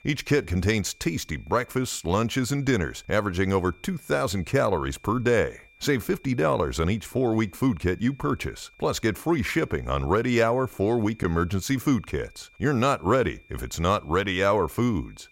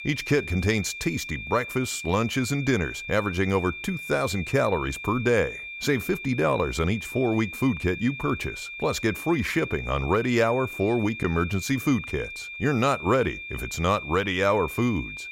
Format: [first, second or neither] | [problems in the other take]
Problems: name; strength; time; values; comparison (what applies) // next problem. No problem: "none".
first | high-pitched whine; loud; throughout; 2.5 kHz, 9 dB below the speech; faint in the first